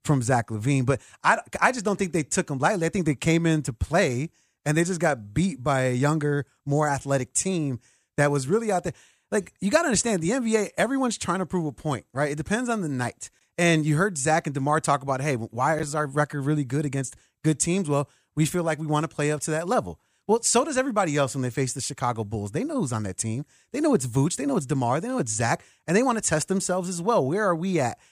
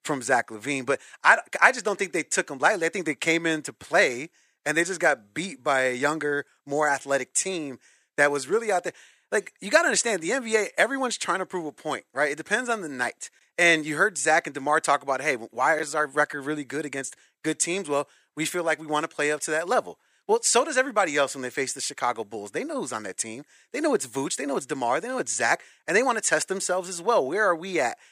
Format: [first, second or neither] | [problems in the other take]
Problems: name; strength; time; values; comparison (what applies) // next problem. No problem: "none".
first | thin; somewhat; fading below 400 Hz